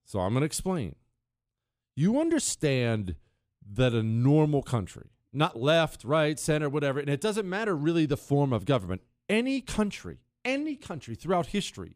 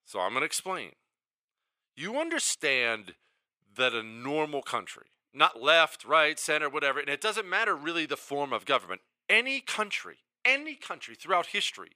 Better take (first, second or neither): first